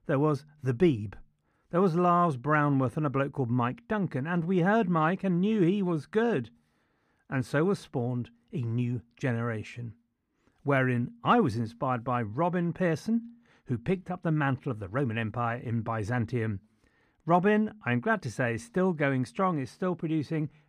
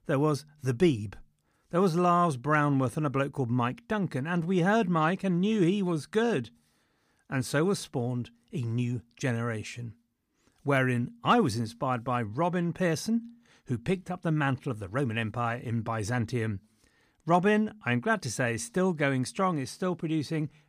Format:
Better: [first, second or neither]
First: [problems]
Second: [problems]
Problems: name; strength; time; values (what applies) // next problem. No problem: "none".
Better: second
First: muffled; slightly; fading above 3.5 kHz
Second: none